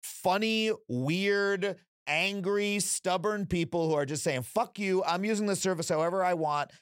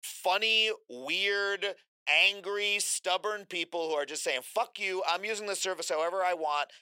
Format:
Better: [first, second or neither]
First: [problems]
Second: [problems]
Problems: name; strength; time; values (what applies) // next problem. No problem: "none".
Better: first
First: none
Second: thin; very; fading below 450 Hz